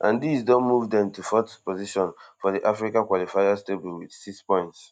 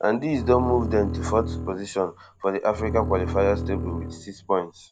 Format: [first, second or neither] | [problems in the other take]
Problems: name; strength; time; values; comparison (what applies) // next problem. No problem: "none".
first | background sound (Bowed string instrument); 6 dB below the speech